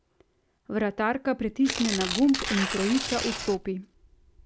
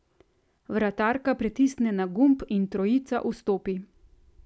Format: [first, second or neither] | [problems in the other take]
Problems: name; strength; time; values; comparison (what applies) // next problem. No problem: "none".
second | background sound (Tearing); 5 dB below the speech